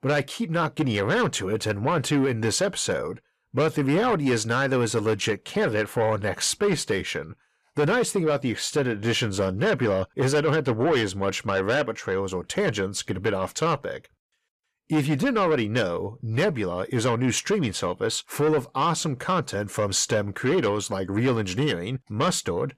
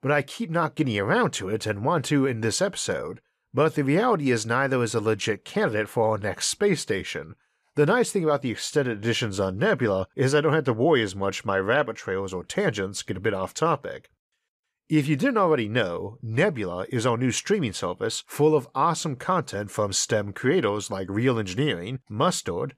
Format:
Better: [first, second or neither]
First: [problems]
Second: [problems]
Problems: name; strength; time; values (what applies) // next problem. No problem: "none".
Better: second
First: distortion; slight; 10 dB below the speech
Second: none